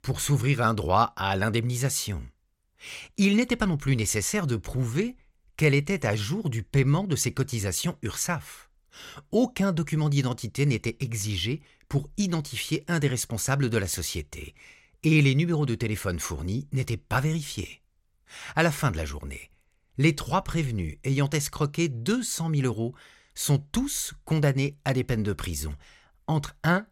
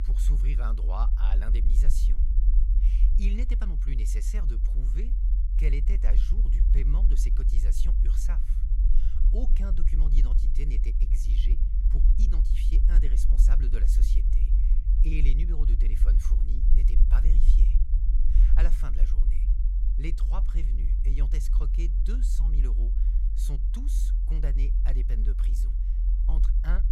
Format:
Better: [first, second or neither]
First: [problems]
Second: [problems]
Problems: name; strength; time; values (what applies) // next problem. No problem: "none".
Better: first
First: none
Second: low rumble; loud; throughout; 4 dB below the speech